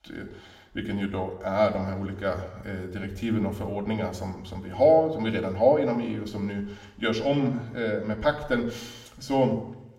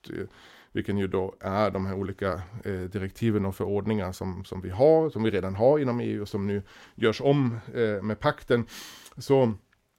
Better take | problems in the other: second | room echo; slight; dies away in 0.7 s // off-mic speech; somewhat distant

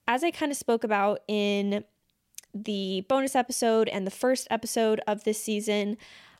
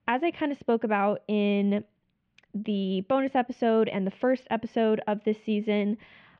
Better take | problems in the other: first | muffled; very; fading above 3 kHz

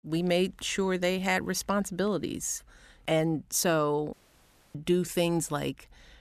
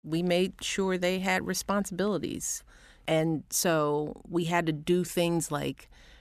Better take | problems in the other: second | audio cutting out; at 4 s for 0.5 s

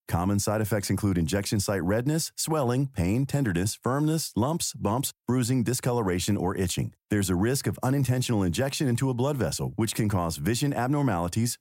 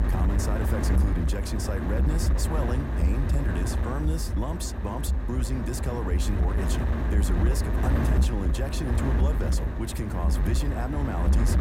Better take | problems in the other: first | wind noise on the microphone; heavy; as loud as the speech

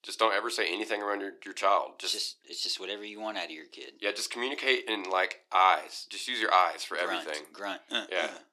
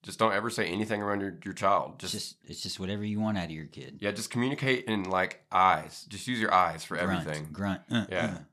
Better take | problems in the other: second | thin; very; fading below 350 Hz

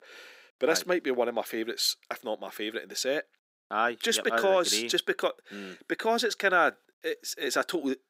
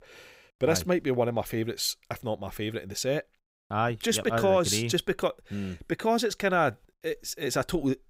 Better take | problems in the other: second | thin; somewhat; fading below 250 Hz

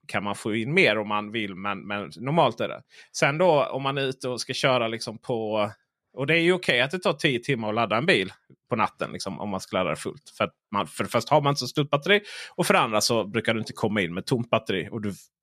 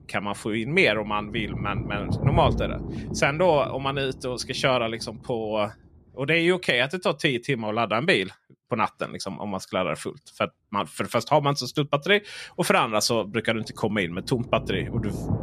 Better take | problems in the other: first | low rumble; noticeable; throughout; 15 dB below the speech

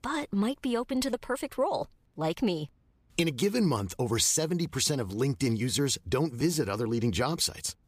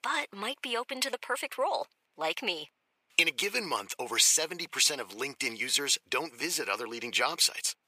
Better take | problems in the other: first | thin; very; fading below 700 Hz

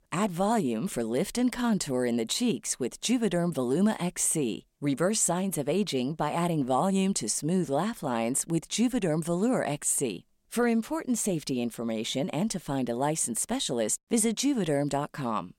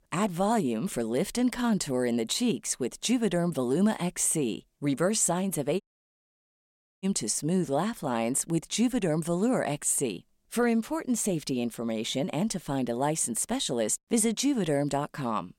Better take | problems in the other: first | audio cutting out; at 6 s for 1 s

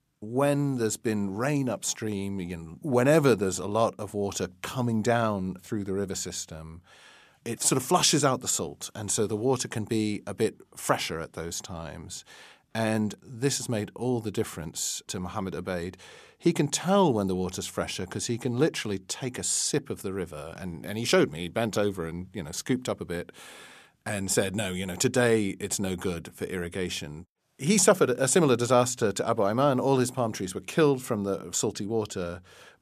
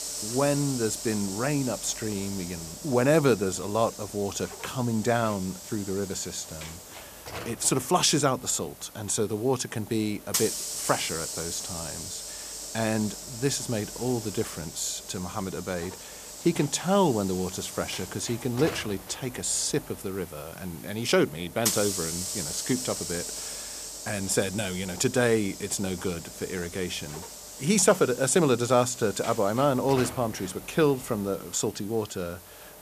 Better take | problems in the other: first | hiss; loud; throughout; 8 dB below the speech

